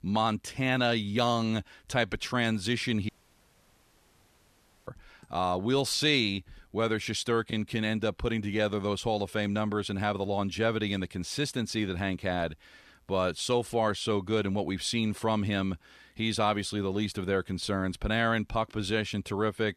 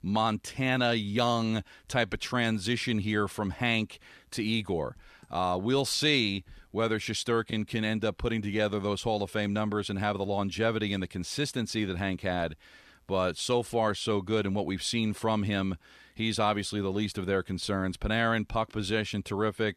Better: second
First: audio cutting out; at 3 s for 2 s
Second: none

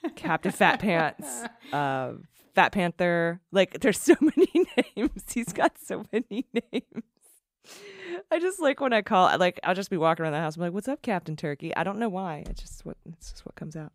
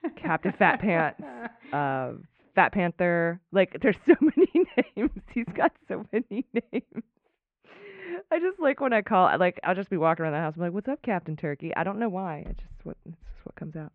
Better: first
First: none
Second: muffled; very; fading above 2.5 kHz

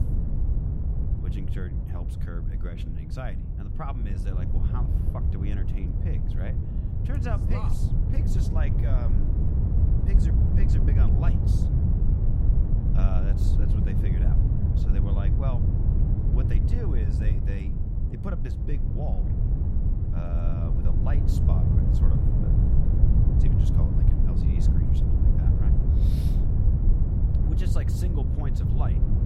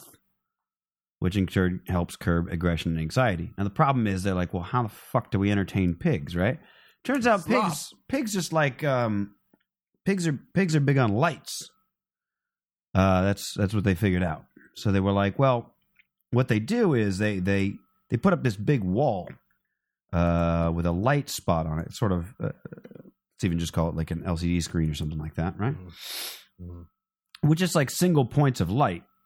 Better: second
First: wind noise on the microphone; heavy; 3 dB above the speech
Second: none

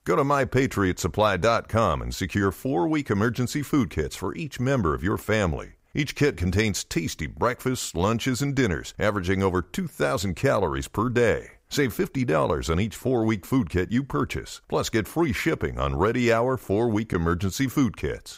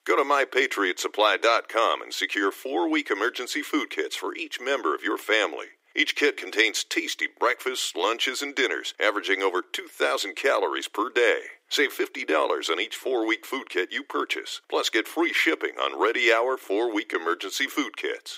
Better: first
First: none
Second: thin; very; fading below 300 Hz

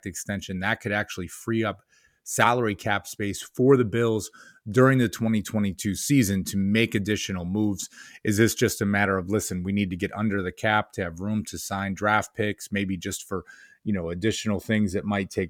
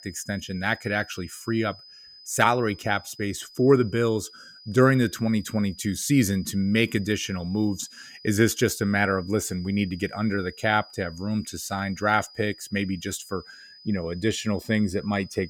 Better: first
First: none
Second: high-pitched whine; faint; throughout; 5 kHz, 20 dB below the speech

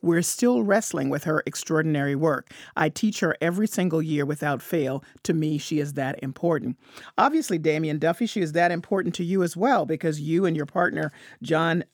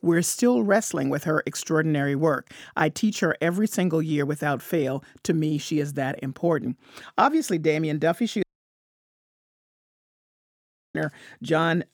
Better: first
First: none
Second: audio cutting out; at 8.5 s for 2.5 s

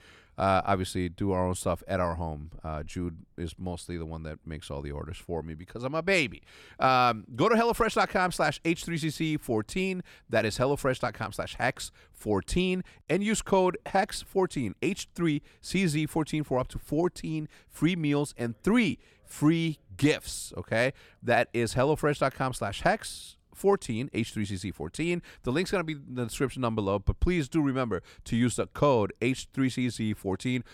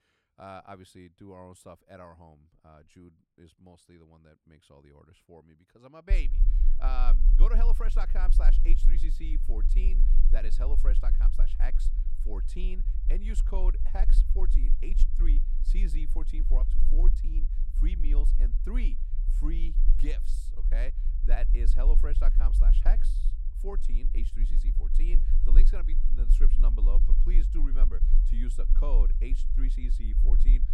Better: first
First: none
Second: low rumble; loud; from 6 s on; 9 dB below the speech

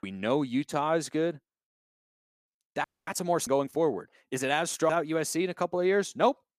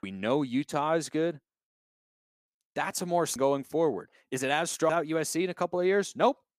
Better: second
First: audio freezing; at 3 s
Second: none

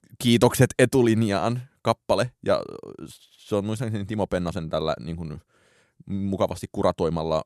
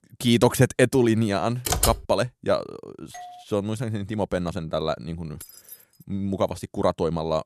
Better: first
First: none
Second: keyboard typing; loud; at 1.5 s; peak 1 dB above the speech // doorbell; faint; at 3 s; peak 15 dB below the speech // jangling keys; faint; at 5.5 s; peak 15 dB below the speech

